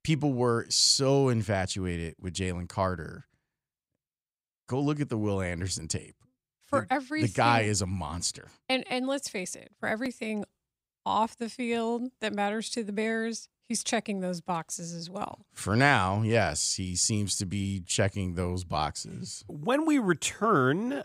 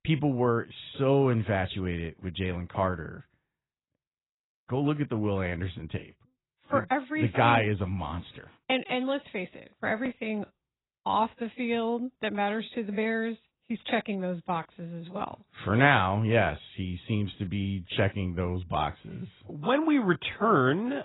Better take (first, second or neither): first